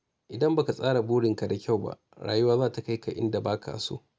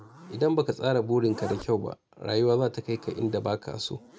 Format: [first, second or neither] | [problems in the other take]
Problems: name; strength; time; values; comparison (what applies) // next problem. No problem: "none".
first | background sound (Zipper (clothing)); 19 dB below the speech